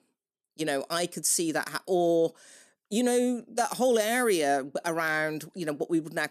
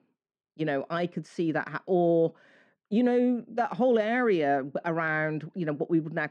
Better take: first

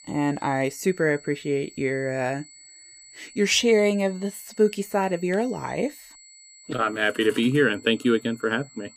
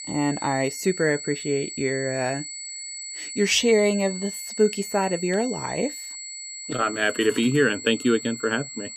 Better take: first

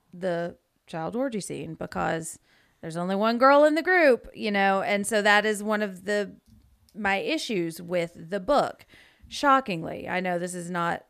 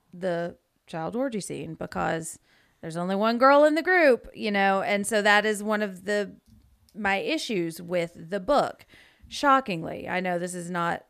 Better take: neither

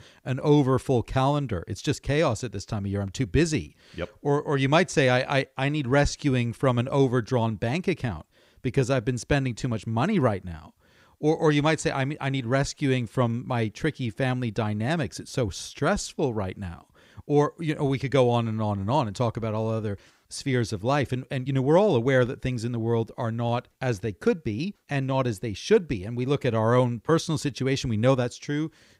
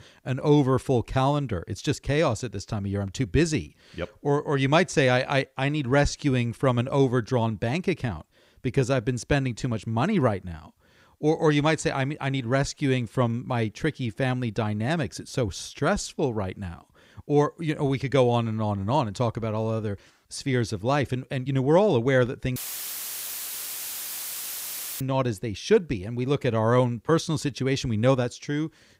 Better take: first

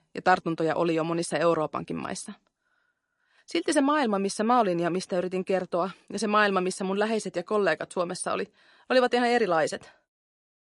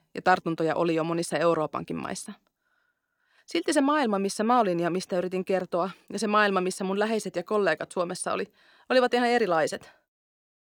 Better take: second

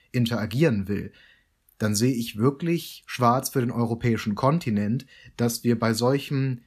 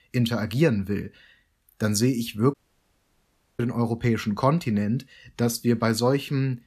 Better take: first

